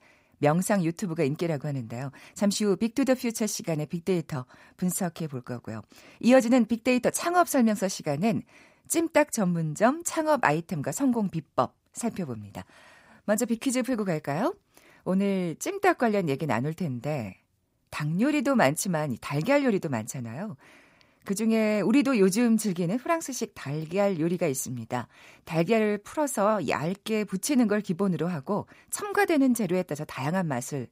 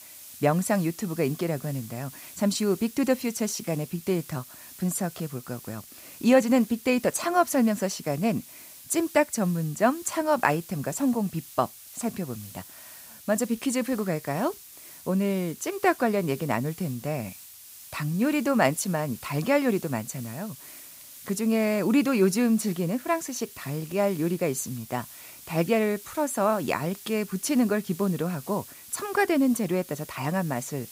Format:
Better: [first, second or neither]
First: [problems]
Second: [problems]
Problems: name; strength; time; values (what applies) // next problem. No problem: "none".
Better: first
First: none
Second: hiss; noticeable; throughout; 15 dB below the speech